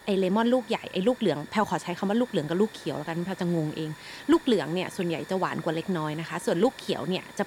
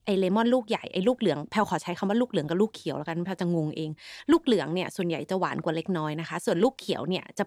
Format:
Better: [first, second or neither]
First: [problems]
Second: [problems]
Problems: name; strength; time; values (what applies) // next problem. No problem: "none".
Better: second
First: hiss; noticeable; throughout; 20 dB below the speech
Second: none